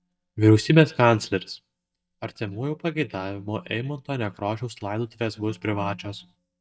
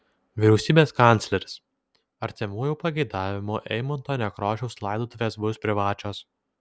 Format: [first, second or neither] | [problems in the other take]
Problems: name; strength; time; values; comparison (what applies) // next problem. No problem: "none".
second | noise reduction (neural mask model DeepFilterNet 3)